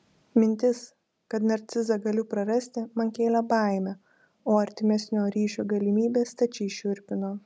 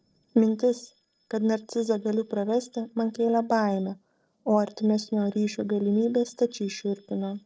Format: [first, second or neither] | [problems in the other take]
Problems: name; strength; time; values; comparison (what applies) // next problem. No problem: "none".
first | noise reduction (neural separator model SepFormer DNS4)